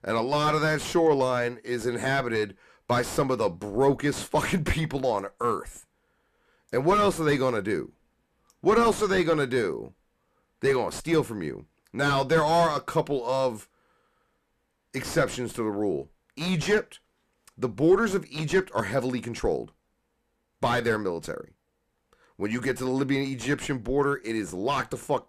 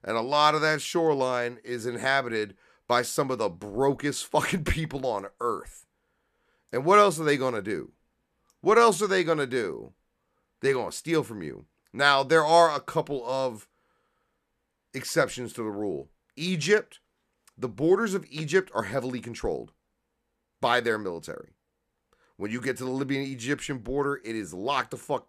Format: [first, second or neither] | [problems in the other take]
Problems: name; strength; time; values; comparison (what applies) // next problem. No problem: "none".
second | distortion; heavy; 6 dB below the speech